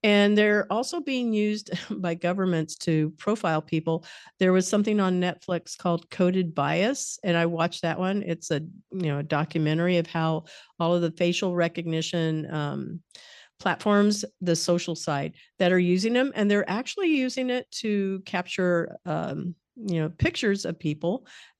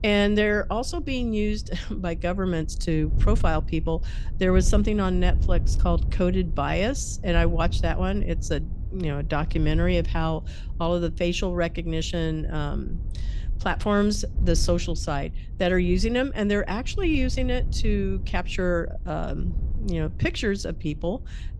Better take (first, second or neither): first